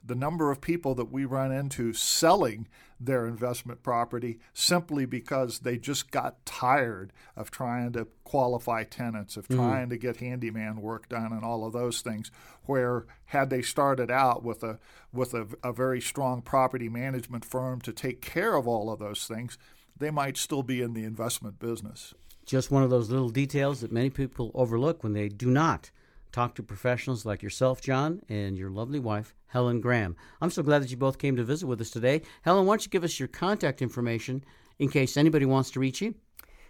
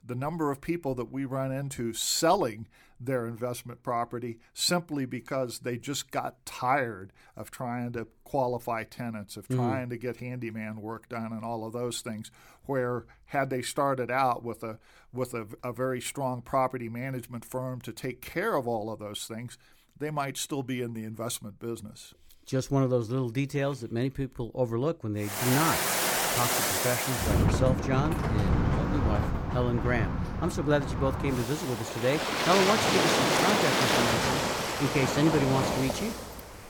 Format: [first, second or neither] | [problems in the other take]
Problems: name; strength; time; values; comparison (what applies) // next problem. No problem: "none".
first | rain or running water; very loud; from 25 s on; 3 dB above the speech